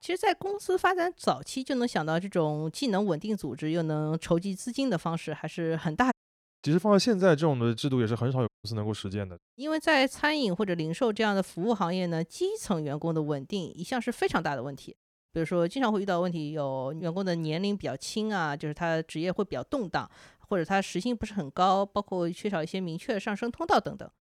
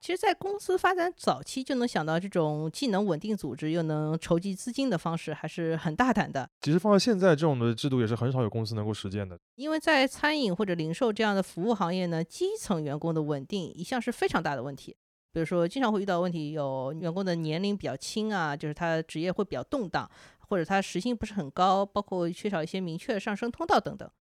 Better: second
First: audio cutting out; at 6 s for 0.5 s and at 8.5 s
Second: none

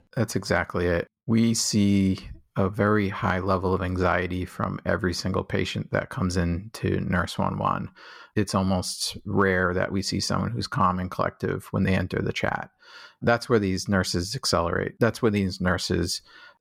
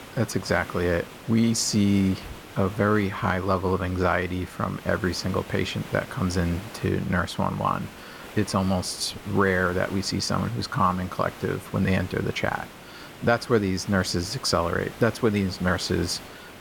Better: first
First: none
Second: hiss; noticeable; throughout; 15 dB below the speech

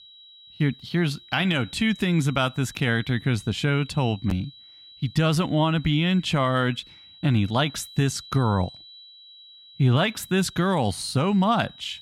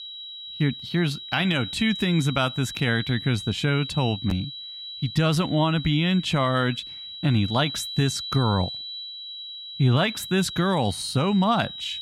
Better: first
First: high-pitched whine; faint; throughout; 4 kHz, 20 dB below the speech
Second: high-pitched whine; loud; throughout; 4 kHz, 9 dB below the speech

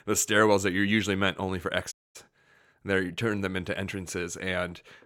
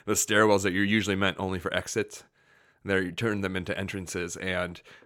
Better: second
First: audio cutting out; at 2 s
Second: none

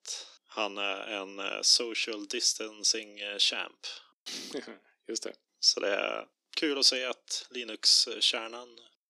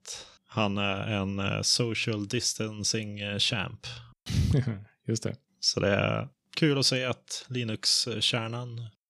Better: second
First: thin; somewhat; fading below 300 Hz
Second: none

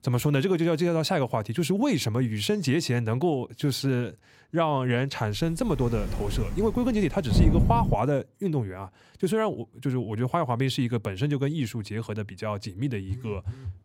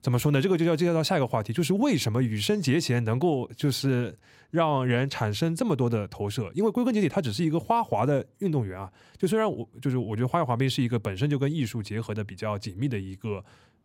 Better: second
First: door banging; loud; from 5.5 to 8 s; peak 5 dB above the speech // phone ringing; noticeable; at 13 s; peak 8 dB below the speech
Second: none

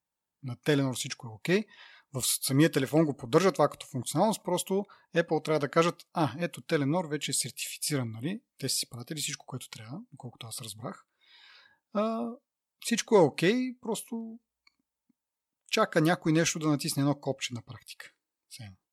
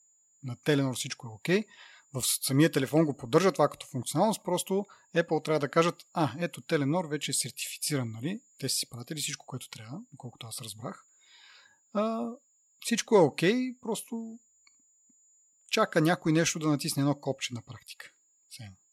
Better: first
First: none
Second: high-pitched whine; faint; throughout; 7 kHz, 35 dB below the speech

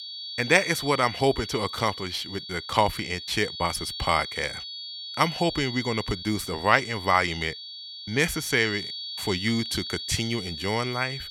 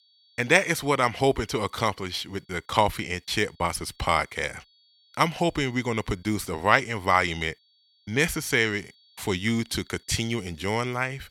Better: second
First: high-pitched whine; loud; throughout; 4.5 kHz, 8 dB below the speech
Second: high-pitched whine; faint; throughout; 4.5 kHz, 35 dB below the speech

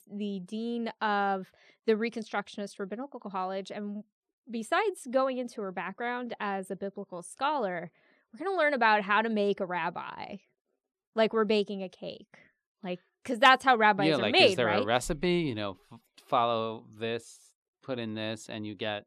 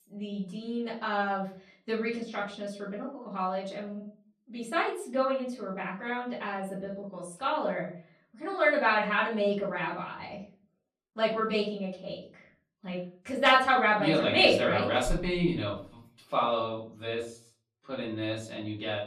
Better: first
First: none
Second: off-mic speech; far // room echo; slight; dies away in 0.4 s

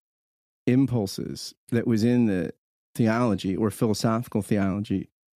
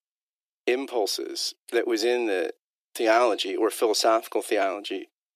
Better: first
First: none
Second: thin; very; fading below 350 Hz

